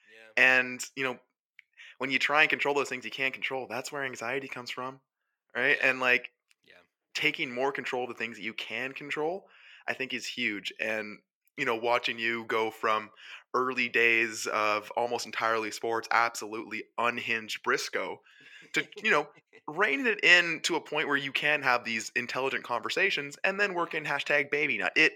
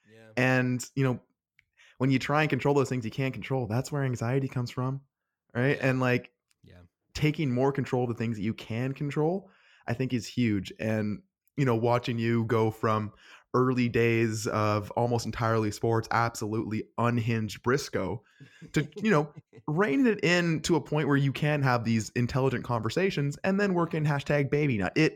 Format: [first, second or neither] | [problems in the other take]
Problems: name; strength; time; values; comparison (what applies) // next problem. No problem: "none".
second | thin; very; fading below 450 Hz